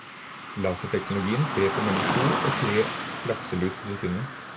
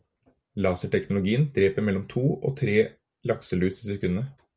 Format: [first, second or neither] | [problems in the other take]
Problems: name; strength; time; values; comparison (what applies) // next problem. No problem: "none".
second | background sound (Car passing by / Traffic noise, roadway noise); 2 dB below the speech